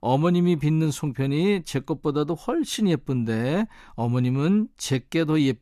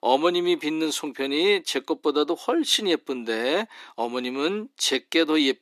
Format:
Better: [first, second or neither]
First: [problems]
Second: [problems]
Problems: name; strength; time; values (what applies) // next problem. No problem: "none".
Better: first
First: none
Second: thin; somewhat; fading below 300 Hz